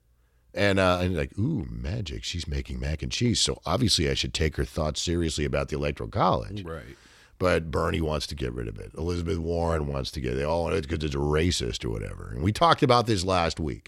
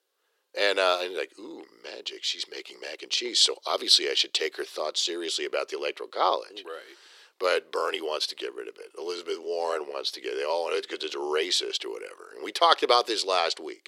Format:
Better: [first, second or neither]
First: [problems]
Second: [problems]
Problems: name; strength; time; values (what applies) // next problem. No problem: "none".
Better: first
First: none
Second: thin; very; fading below 350 Hz